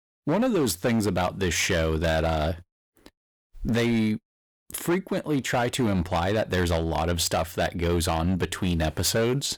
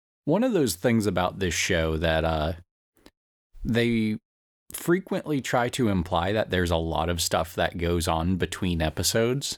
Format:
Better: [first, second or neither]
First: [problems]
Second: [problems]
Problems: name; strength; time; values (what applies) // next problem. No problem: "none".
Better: second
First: distortion; slight; 11% of the sound clipped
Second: none